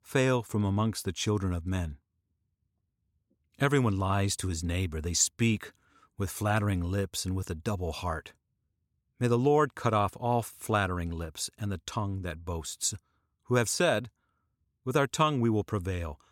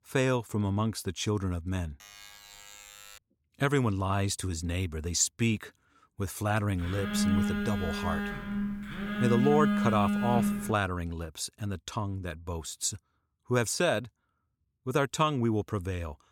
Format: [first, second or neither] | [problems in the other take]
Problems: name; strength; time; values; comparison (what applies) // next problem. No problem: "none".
first | alarm; faint; from 2 to 3 s; peak 15 dB below the speech // phone ringing; loud; from 7 to 11 s; peak 4 dB above the speech